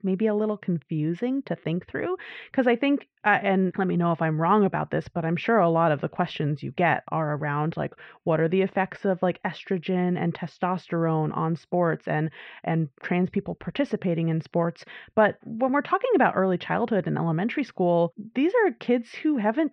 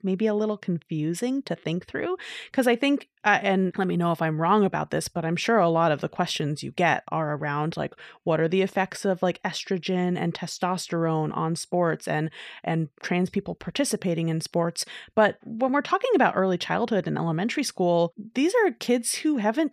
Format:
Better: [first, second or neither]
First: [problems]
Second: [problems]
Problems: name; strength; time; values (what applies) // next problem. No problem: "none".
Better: second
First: muffled; very; fading above 2.5 kHz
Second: none